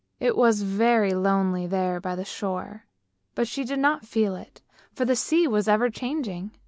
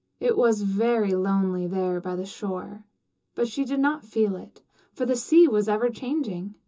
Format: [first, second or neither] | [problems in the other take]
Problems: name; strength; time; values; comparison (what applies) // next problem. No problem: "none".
first | room echo; dies away in 0.2 s